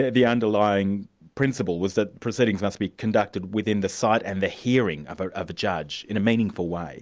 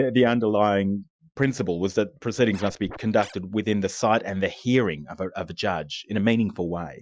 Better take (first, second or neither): first